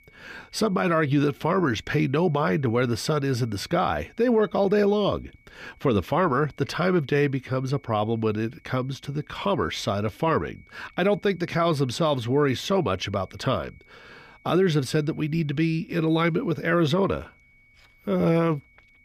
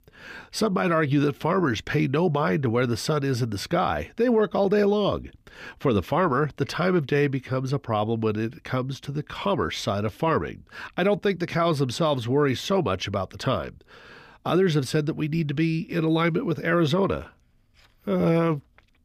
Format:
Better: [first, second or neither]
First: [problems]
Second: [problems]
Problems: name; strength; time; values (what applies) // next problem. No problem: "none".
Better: second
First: high-pitched whine; faint; throughout; 2 kHz, 30 dB below the speech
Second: none